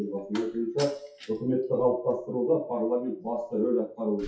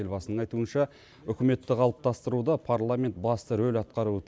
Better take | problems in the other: second | noise reduction (classical method WPE with log-MMSE)

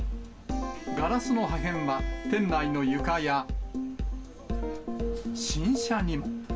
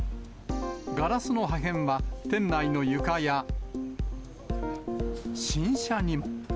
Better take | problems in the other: second | background sound (Bowed string instrument); 15 dB below the speech // room echo; dies away in 0.2 s

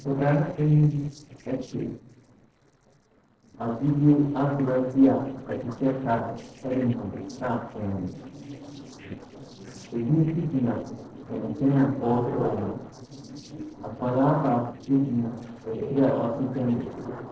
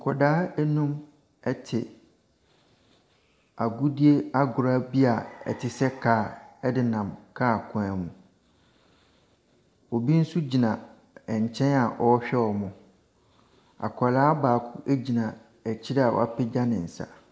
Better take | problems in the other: second | noise reduction (neural separator model SepFormer DNS4)

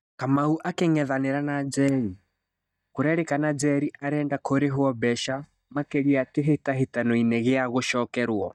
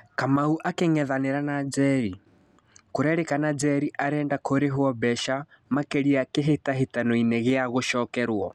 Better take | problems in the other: second | noise reduction (neural mask model DeepFilterNet 3)

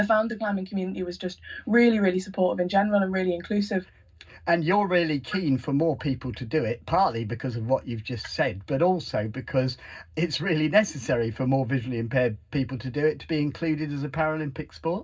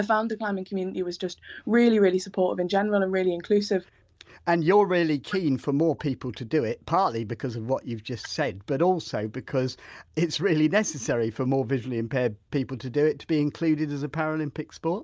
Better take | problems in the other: second | room echo; dies away in 0.4 s

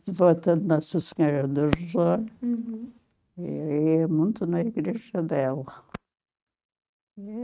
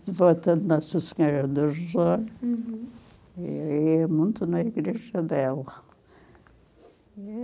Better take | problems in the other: second | noise reduction (neural mask model RNNoise)

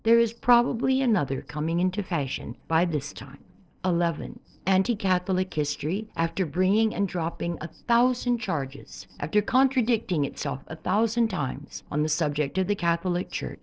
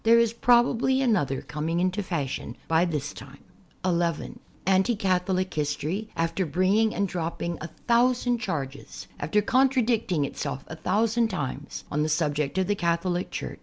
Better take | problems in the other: second | noise reduction (neural separator model SepFormer DNS4)

